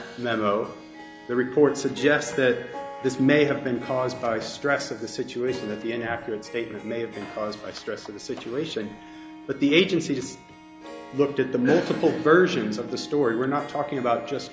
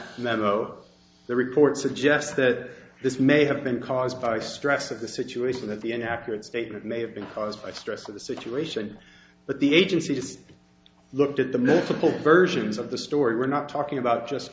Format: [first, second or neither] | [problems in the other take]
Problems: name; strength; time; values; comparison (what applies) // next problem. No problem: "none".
second | background sound (Harp); 16 dB below the speech